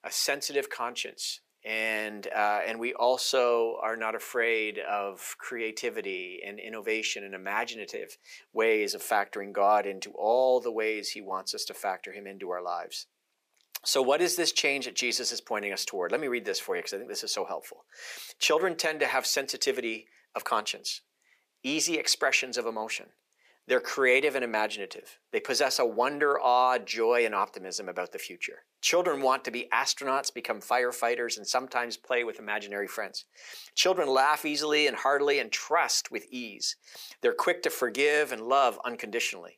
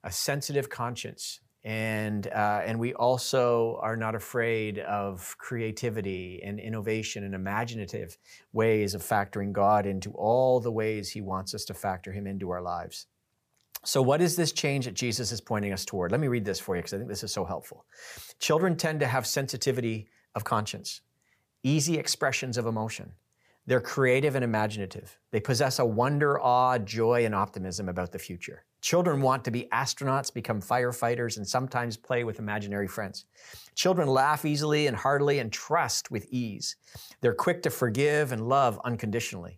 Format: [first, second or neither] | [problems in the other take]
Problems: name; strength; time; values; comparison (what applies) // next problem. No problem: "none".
second | thin; somewhat; fading below 300 Hz